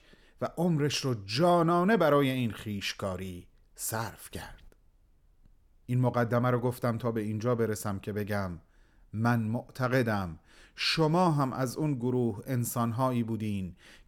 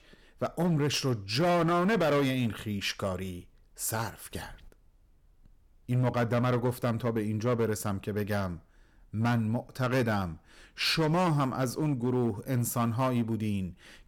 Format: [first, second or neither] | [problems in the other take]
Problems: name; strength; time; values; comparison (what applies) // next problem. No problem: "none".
first | distortion; slight; 8% of the sound clipped